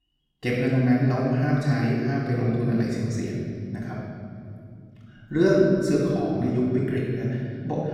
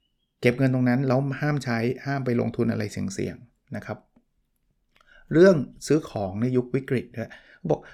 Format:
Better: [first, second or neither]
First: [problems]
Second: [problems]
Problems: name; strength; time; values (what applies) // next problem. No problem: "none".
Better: second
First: off-mic speech; far // room echo; strong; dies away in 3 s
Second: none